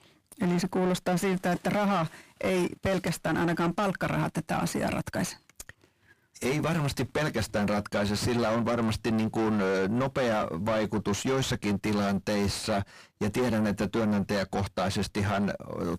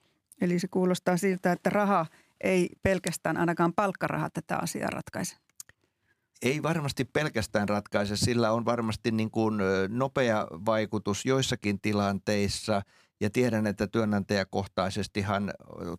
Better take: second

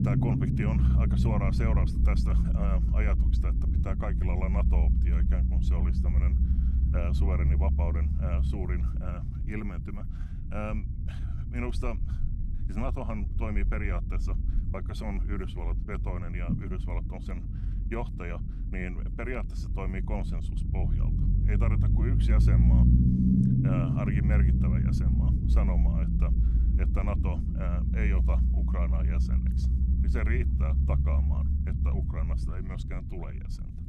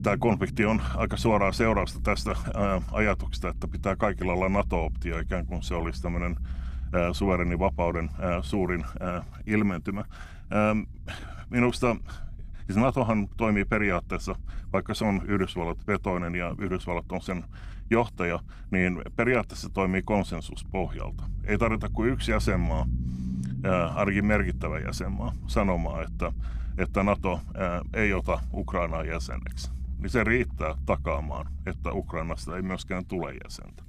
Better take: second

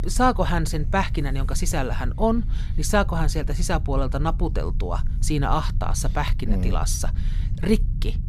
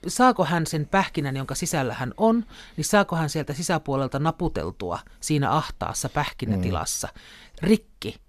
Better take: second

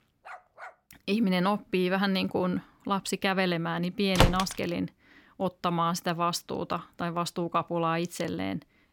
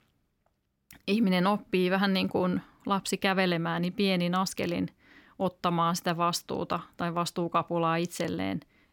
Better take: second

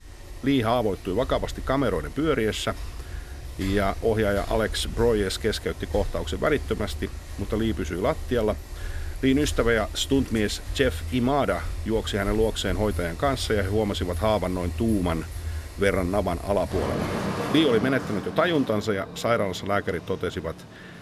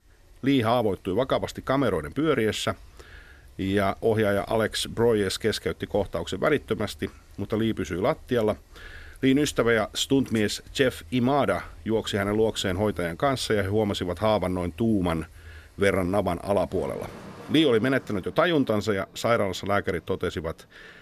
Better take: second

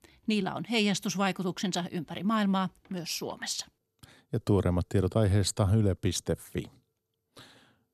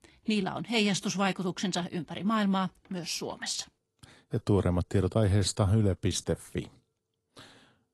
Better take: first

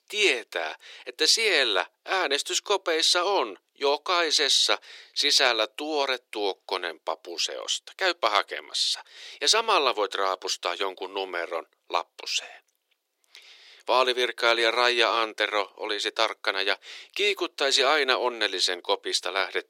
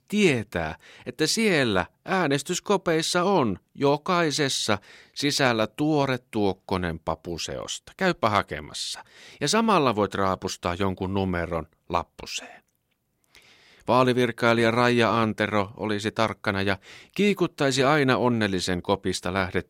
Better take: second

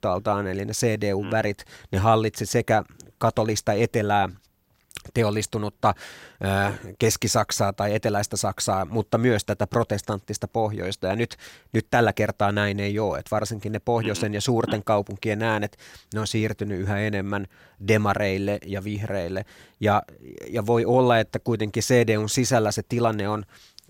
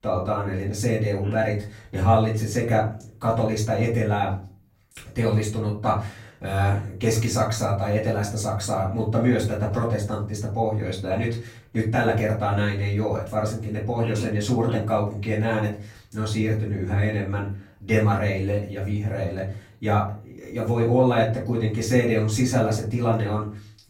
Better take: first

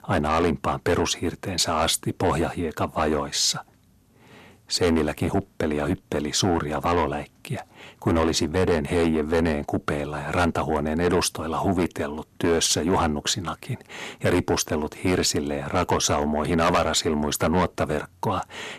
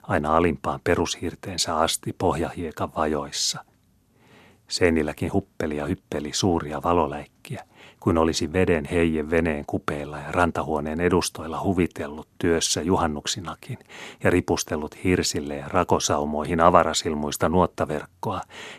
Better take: second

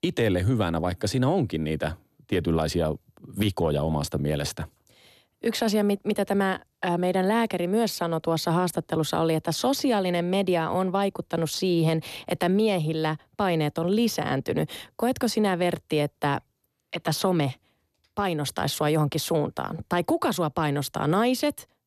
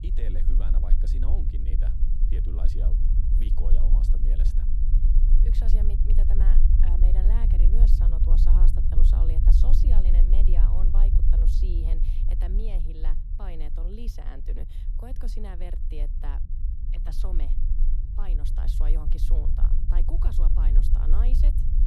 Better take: first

